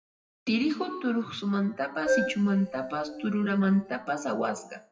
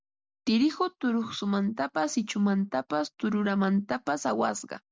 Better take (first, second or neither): second